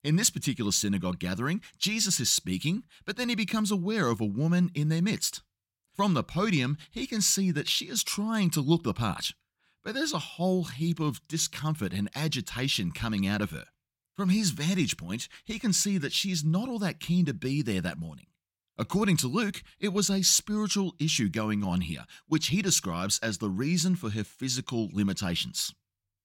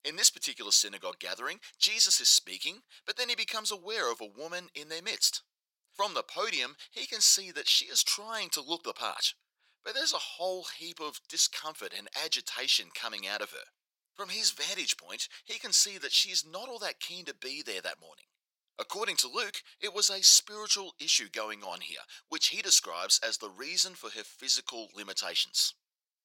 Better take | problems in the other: first | thin; very; fading below 500 Hz

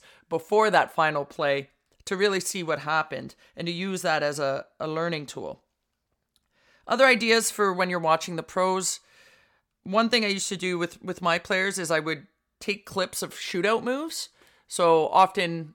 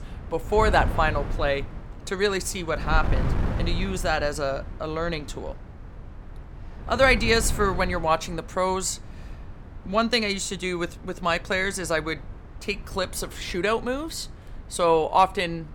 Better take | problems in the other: first | wind noise on the microphone; occasional gusts; 20 dB below the speech

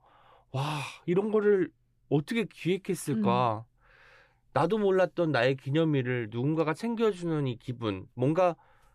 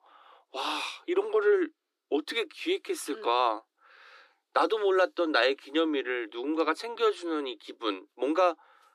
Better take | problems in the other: first | thin; somewhat; fading below 300 Hz

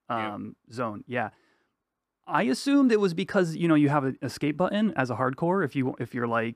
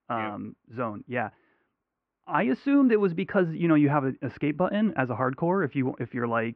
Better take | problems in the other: first | muffled; very; fading above 2.5 kHz

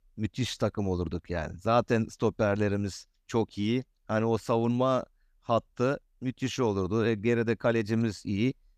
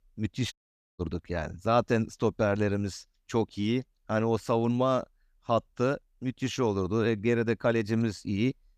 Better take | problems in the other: first | audio cutting out; at 0.5 s

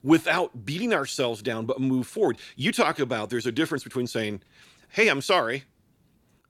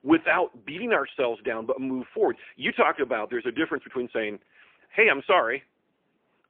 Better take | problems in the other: first | phone-call audio; poor line; nothing above 3.5 kHz

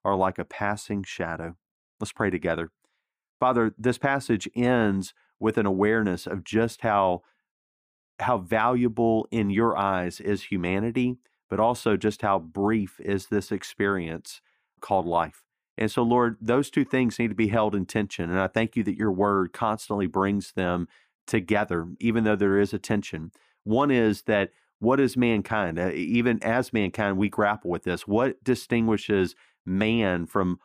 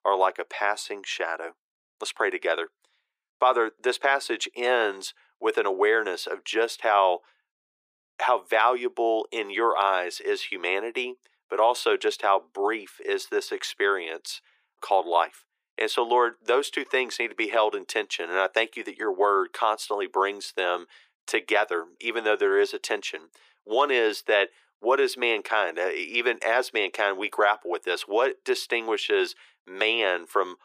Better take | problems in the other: first | thin; very; fading below 400 Hz

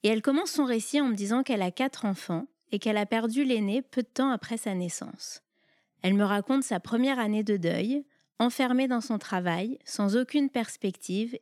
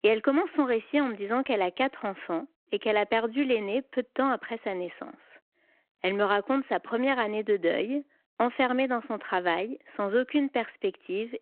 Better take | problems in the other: first | phone-call audio

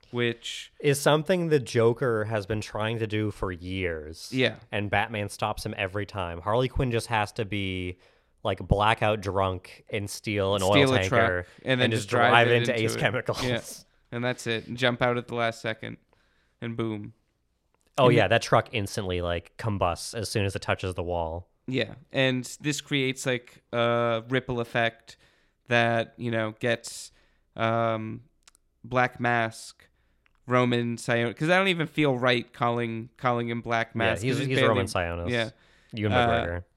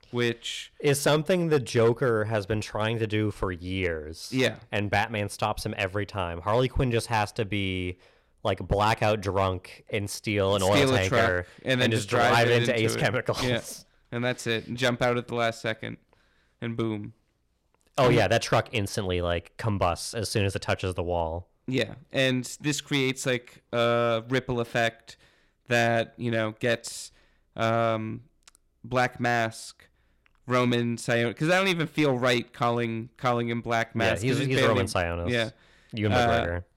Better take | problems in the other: first | distortion; slight; 3% of the sound clipped

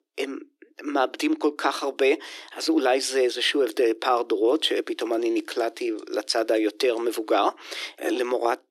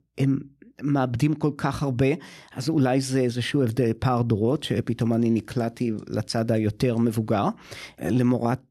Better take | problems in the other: second | thin; very; fading below 300 Hz

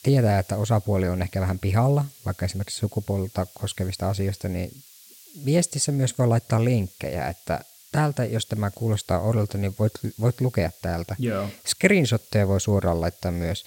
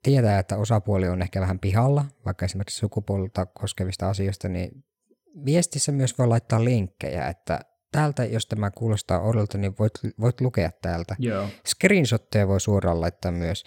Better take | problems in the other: second | hiss; faint; throughout; 20 dB below the speech

